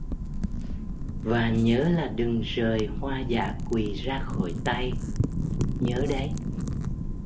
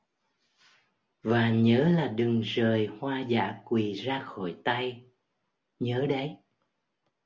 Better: second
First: background sound (Wind / Fire); 1 dB below the speech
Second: none

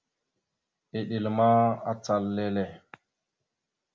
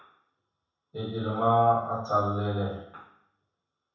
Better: first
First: none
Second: room echo; dies away in 0.7 s

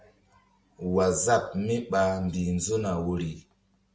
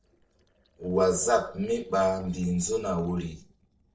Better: first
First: none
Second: noise reduction (neural separator model SepFormer DNS4)

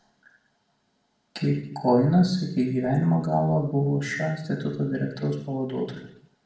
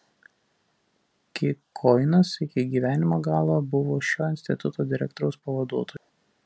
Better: second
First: room echo; dies away in 0.7 s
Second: none

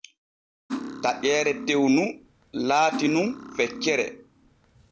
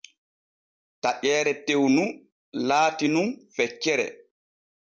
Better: second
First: background sound (Cutlery, silverware); 12 dB below the speech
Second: none

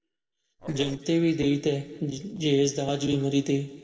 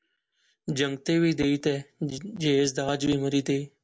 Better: second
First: noise reduction (neural separator model SepFormer DNS4)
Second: none

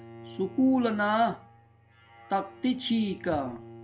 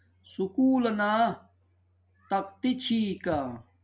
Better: second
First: background sound (Bowed string instrument); 19 dB below the speech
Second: none

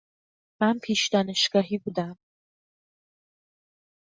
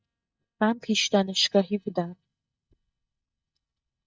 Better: first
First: none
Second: noise reduction (neural mask model DeepFilterNet 3)

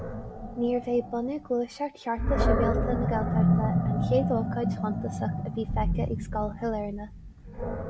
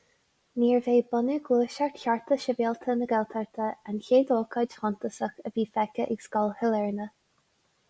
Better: second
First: background sound (Animal); 3 dB above the speech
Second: none

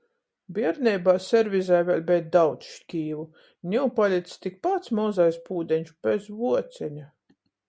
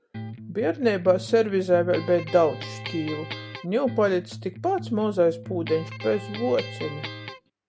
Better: first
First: none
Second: background sound (Electric guitar); 12 dB below the speech

